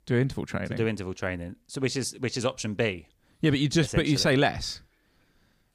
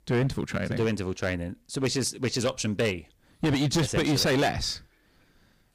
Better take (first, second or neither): first